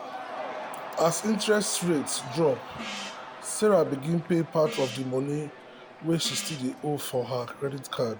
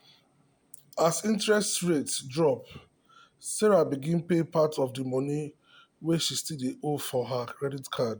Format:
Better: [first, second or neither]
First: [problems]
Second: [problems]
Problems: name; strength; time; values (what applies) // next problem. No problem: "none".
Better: second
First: background sound (Crowd / Cheering + Gong); 12 dB below the speech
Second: none